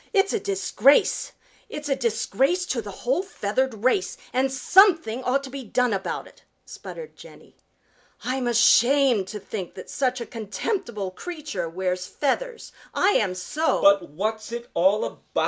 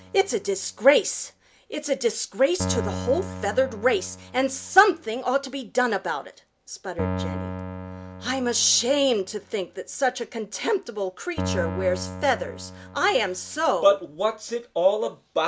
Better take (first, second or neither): first